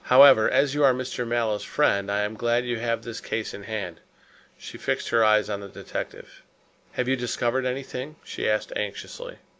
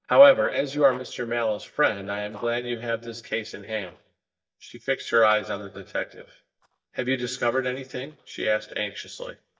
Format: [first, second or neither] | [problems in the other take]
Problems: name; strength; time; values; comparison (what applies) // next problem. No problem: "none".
first | noise reduction (neural mask model DeepFilterNet 3)